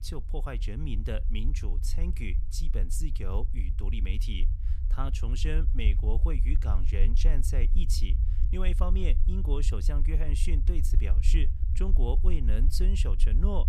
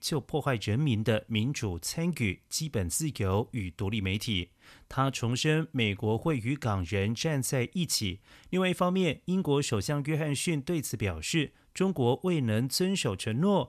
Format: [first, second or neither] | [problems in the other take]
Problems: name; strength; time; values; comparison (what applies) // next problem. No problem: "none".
second | low rumble; loud; throughout; 9 dB below the speech